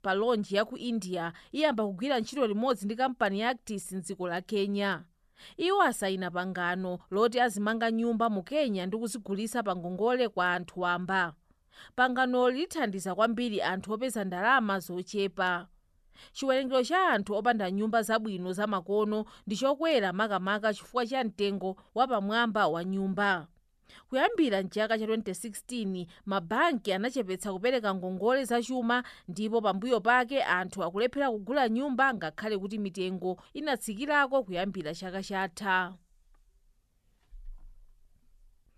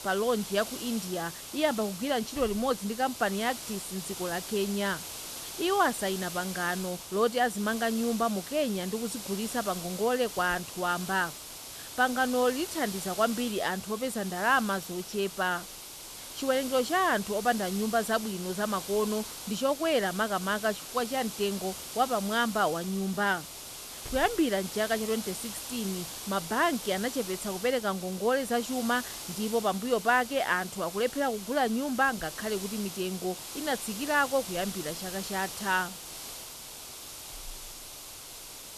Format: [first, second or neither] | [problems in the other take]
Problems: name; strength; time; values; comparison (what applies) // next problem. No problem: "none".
first | hiss; loud; throughout; 9 dB below the speech